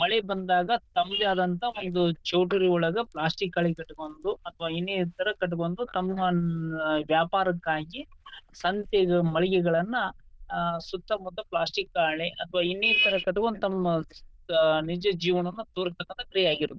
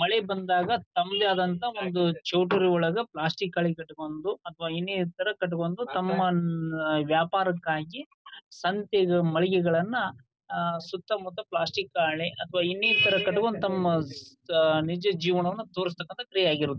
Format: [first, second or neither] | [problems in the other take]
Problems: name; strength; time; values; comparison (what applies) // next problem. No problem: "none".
second | noise reduction (neural diffusion model UNIVERSE++)